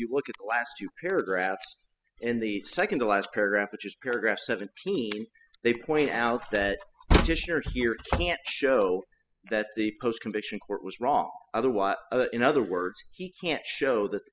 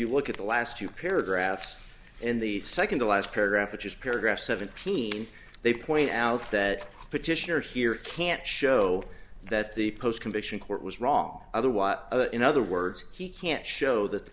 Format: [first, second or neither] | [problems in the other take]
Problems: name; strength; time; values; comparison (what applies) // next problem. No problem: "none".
second | noise reduction (classical method spectral subtraction)